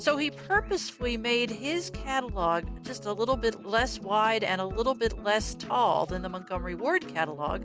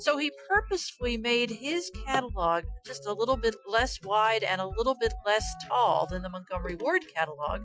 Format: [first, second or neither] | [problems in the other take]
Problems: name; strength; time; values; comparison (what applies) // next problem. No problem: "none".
first | noise reduction (classical method Wiener filter)